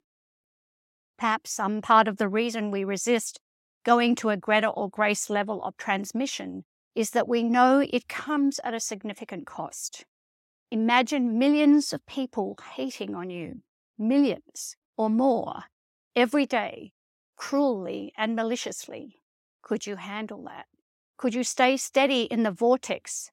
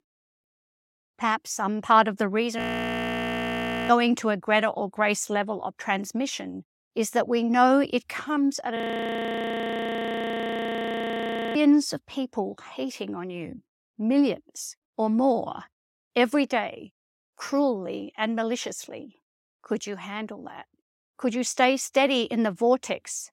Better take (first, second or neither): first